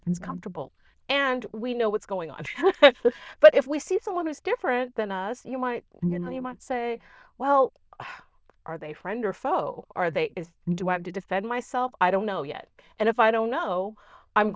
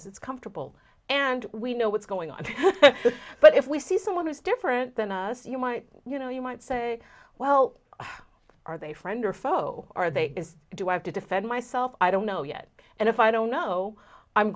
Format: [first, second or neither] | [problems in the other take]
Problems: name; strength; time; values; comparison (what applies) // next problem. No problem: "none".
second | noise reduction (neural diffusion model UNIVERSE++)